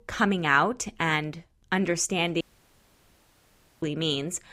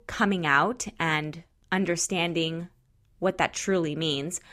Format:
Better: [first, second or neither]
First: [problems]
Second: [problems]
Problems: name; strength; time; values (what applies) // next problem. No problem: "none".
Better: second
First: audio cutting out; at 2.5 s for 1.5 s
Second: none